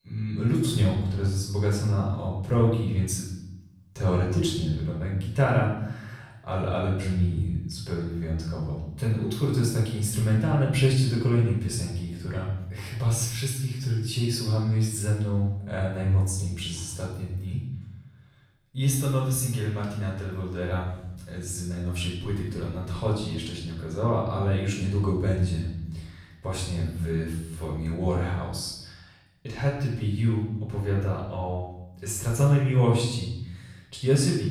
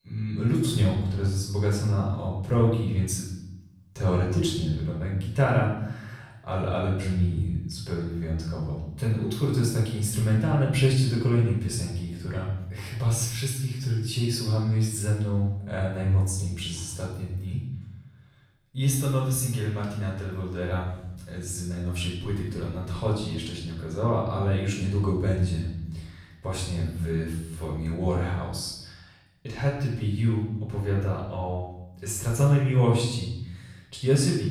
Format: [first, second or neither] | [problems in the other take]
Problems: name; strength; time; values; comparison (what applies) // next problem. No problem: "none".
neither | room echo; noticeable; dies away in 0.9 s; the same in both // off-mic speech; far; the same in both